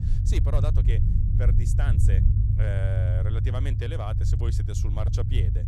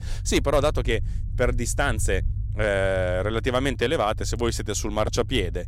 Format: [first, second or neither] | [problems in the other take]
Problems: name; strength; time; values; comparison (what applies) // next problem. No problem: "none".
second | low rumble; loud; throughout; 2 dB below the speech; faint in the second